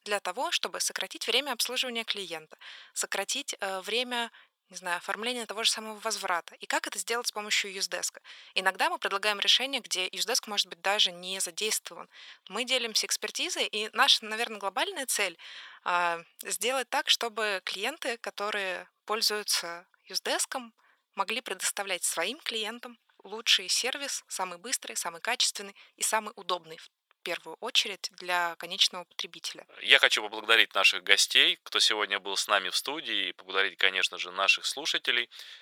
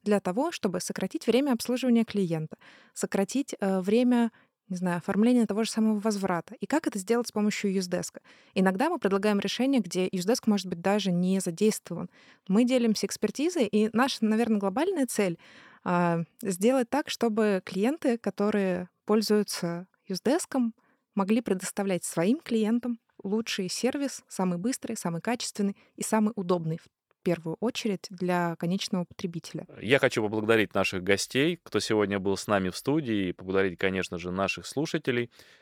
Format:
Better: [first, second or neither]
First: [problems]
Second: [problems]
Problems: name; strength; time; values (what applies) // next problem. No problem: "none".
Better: second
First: thin; very; fading below 1 kHz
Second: none